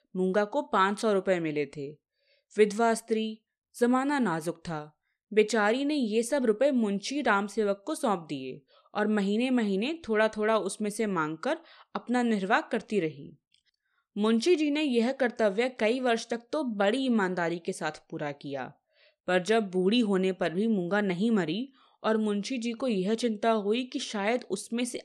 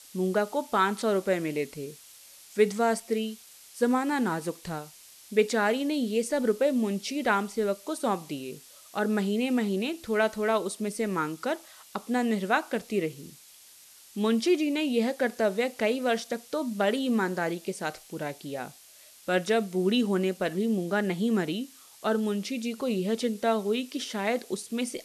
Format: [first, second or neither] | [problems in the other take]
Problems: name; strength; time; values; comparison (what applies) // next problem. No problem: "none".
first | hiss; faint; throughout; 20 dB below the speech